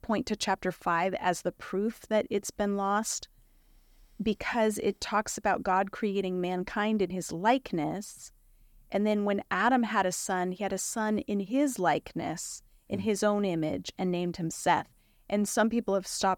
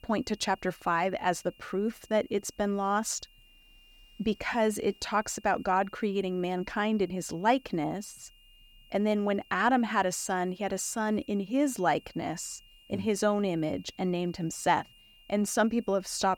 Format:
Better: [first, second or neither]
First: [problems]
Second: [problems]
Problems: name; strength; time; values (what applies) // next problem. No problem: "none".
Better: first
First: none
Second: high-pitched whine; faint; throughout; 3 kHz, 25 dB below the speech